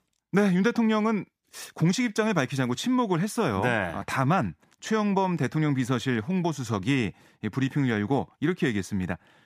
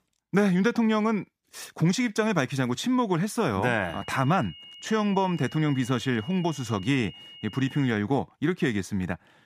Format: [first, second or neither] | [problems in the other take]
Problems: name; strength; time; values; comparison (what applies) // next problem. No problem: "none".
first | high-pitched whine; noticeable; from 4 to 8 s; 3 kHz, 20 dB below the speech